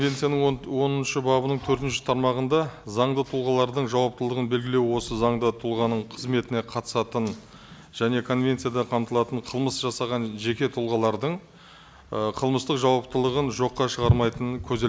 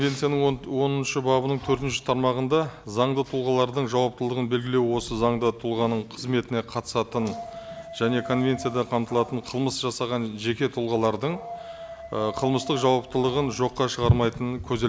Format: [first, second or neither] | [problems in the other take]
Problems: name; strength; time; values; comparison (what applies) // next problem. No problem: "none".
first | background sound (Dog); 15 dB below the speech